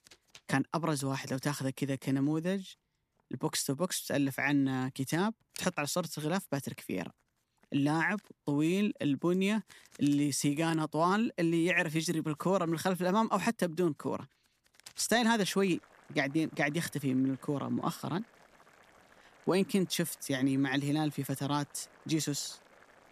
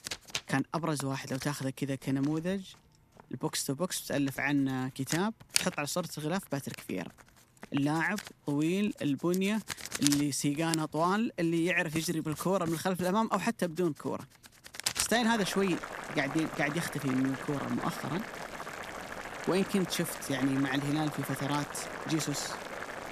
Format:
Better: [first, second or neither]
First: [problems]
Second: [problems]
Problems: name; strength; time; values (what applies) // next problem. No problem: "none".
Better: first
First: household noises; faint; throughout; 25 dB below the speech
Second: household noises; loud; throughout; 7 dB below the speech